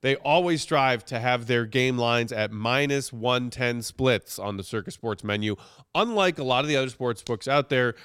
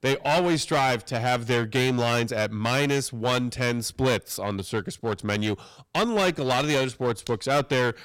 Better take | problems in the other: first | distortion; heavy; 12% of the sound clipped

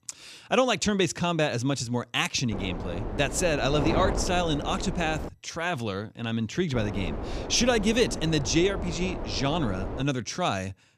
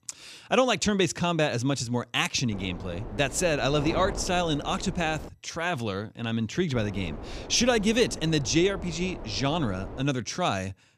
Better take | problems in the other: second | wind noise on the microphone; heavy; from 2.5 to 5.5 s and from 6.5 to 10 s; 9 dB below the speech; occasional gusts in the second

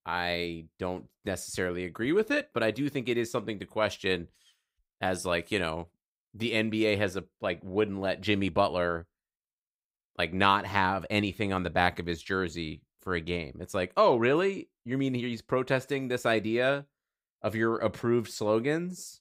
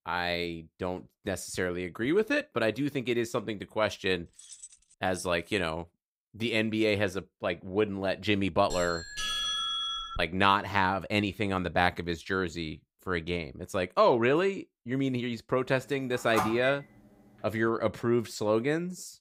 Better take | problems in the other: first | jangling keys; faint; at 4.5 s; peak 15 dB below the speech // doorbell; loud; from 8.5 to 10 s; peak 1 dB above the speech // phone ringing; noticeable; at 16 s; peak 3 dB below the speech

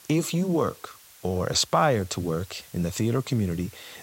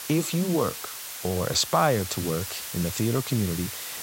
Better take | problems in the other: first | hiss; loud; throughout; 7 dB below the speech; faint in the first

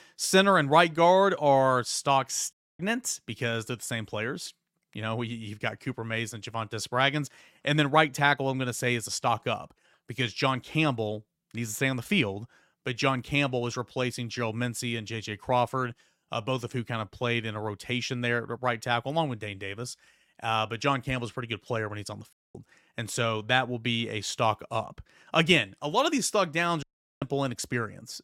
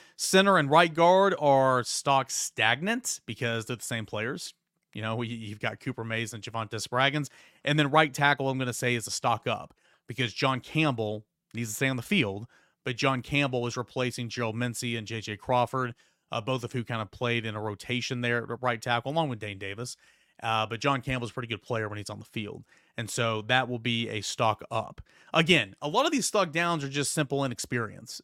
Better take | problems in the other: second | audio cutting out; at 2.5 s, at 22 s and at 27 s

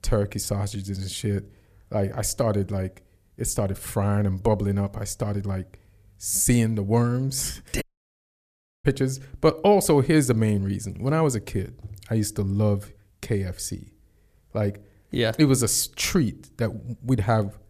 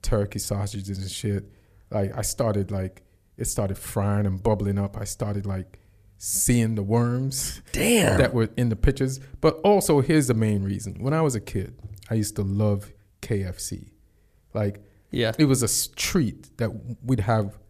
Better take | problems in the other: second | audio cutting out; at 8 s for 1 s

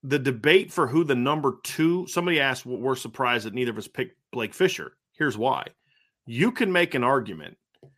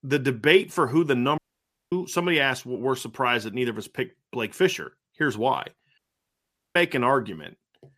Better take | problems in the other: first | audio cutting out; at 1.5 s for 0.5 s and at 6 s for 1 s

